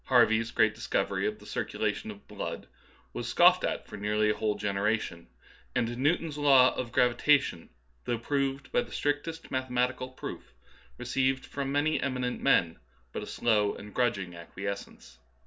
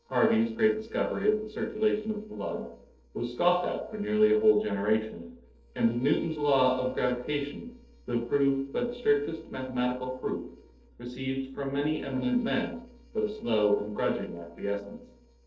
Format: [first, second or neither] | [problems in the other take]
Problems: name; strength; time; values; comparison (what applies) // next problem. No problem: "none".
first | noise reduction (neural separator model SepFormer DNS4)